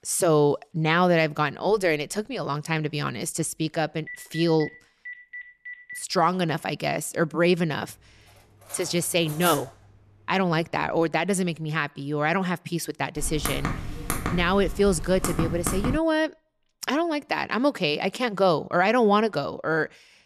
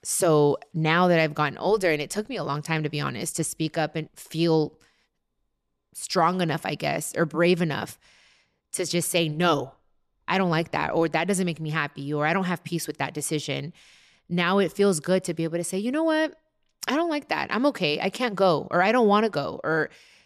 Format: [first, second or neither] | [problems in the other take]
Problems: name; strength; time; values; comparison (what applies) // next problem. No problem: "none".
second | phone ringing; faint; from 4 to 6 s; peak 15 dB below the speech // clattering dishes; noticeable; at 8.5 s; peak 6 dB below the speech // keyboard typing; noticeable; from 13 to 16 s; peak 4 dB below the speech